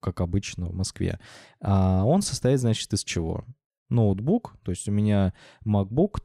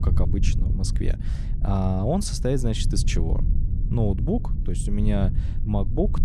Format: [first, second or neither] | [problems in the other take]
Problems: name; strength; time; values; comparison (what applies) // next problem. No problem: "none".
first | low rumble; noticeable; throughout; 10 dB below the speech